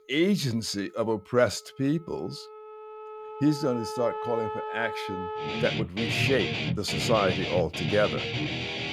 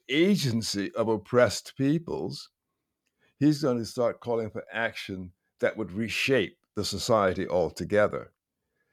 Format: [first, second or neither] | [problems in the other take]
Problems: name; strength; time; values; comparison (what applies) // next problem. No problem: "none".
second | background music; loud; throughout; 3 dB below the speech